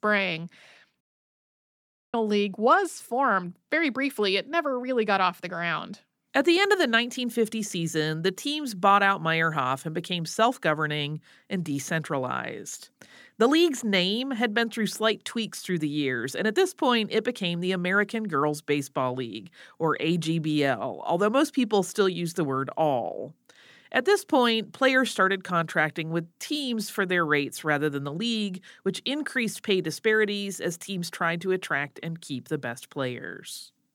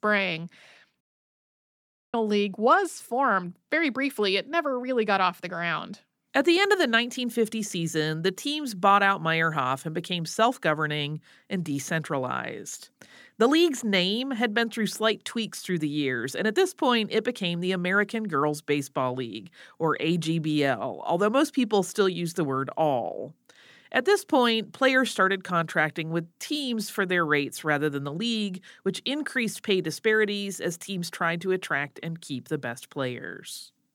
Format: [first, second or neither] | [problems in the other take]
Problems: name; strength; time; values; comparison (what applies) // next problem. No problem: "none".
neither | audio cutting out; at 1 s for 1 s; the same in both